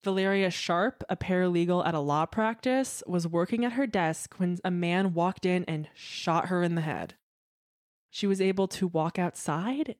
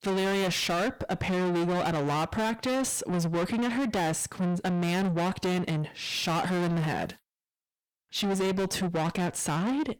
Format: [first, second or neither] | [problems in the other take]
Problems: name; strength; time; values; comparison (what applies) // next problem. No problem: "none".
first | distortion; heavy; 6 dB below the speech